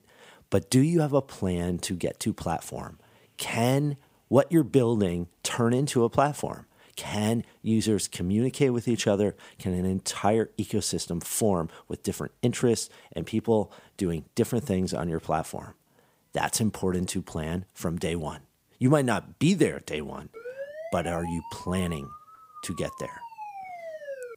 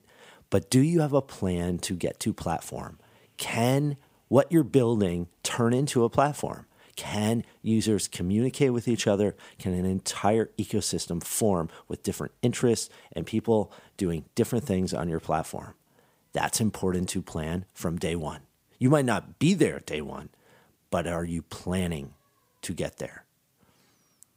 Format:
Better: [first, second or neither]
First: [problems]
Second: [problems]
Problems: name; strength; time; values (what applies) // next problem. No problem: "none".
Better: second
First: siren; faint; from 20 s on; peak 10 dB below the speech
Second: none